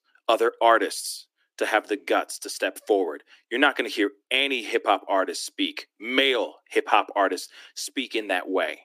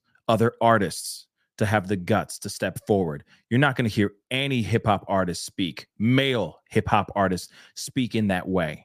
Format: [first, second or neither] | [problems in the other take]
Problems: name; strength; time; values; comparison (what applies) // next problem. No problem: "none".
second | thin; somewhat; fading below 300 Hz